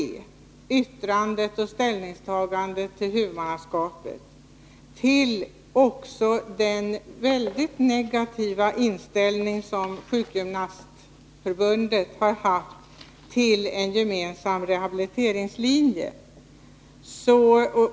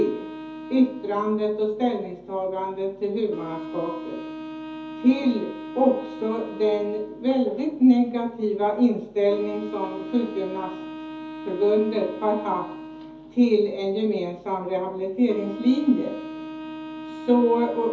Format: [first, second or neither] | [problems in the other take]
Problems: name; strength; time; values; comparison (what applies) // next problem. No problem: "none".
first | background sound (Wind instrument, woodwind instrument); 13 dB below the speech // room echo; dies away in 0.5 s